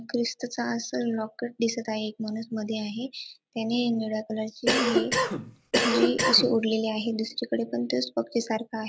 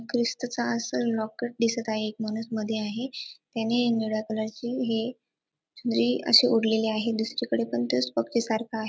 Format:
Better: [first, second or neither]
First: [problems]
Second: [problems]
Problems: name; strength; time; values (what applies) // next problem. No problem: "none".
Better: second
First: background sound (Cough); 2 dB above the speech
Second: none